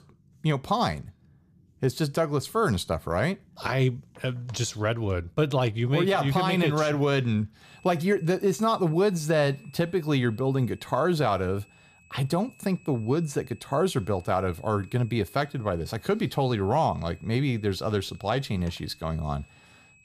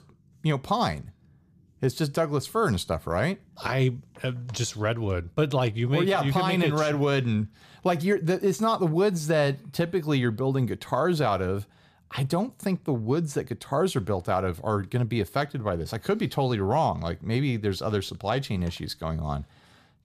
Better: second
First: high-pitched whine; faint; from 7.5 s on; 2.5 kHz, 30 dB below the speech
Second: none

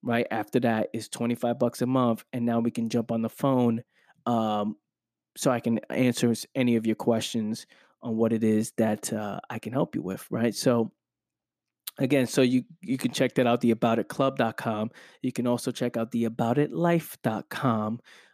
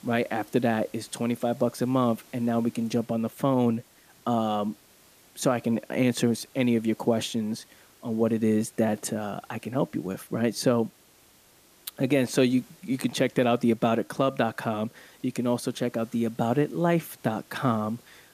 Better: first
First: none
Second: hiss; faint; throughout; 25 dB below the speech

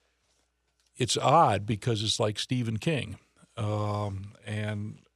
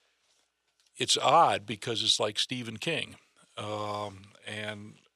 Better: first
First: none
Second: thin; somewhat; fading below 1 kHz

